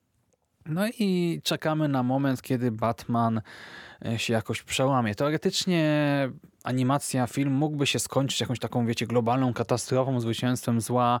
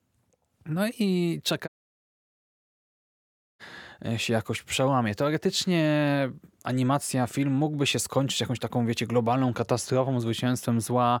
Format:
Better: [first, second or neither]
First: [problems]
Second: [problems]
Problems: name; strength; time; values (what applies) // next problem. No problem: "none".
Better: first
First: none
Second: audio cutting out; at 1.5 s for 2 s